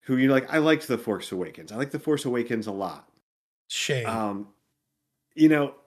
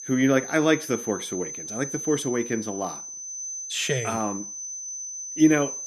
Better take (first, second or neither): first